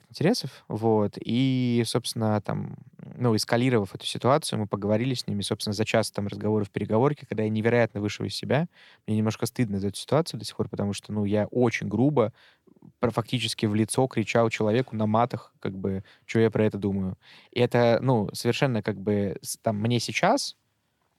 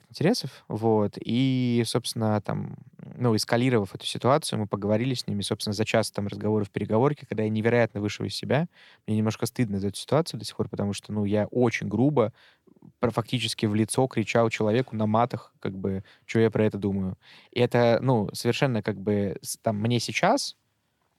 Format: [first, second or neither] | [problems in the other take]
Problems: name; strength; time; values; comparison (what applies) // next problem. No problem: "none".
neither | none